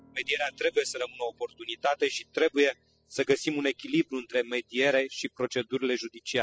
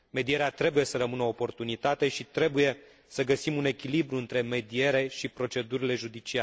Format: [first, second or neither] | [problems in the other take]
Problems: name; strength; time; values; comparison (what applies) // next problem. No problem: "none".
second | noise reduction (classical method spectral subtraction)